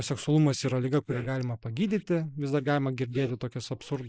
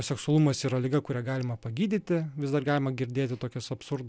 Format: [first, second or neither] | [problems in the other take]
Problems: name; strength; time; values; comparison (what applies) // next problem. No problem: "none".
second | noise reduction (neural mask model Resemble Enhance denoiser)